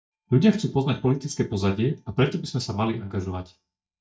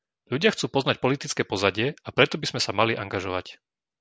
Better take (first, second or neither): second